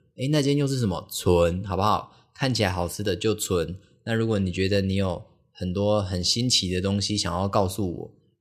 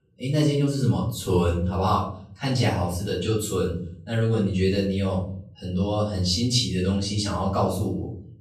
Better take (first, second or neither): first